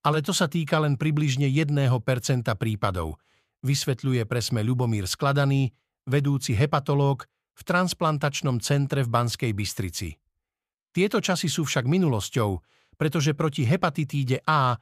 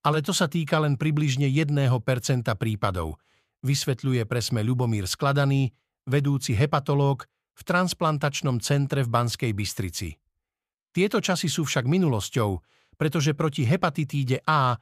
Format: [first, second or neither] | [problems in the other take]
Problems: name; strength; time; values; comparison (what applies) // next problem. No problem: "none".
neither | none